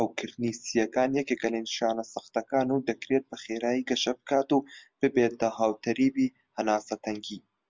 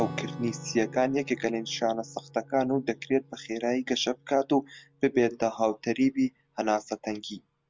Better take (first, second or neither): first